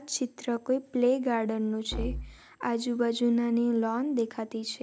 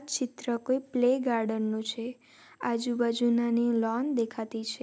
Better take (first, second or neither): second